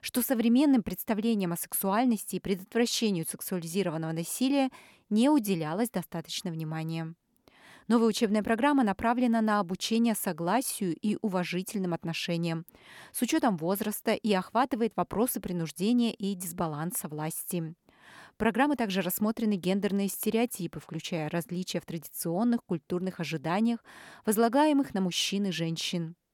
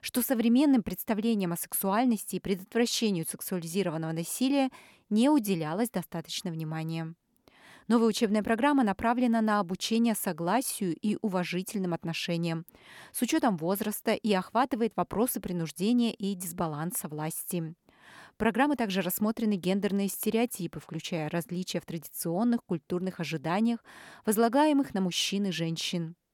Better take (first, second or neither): neither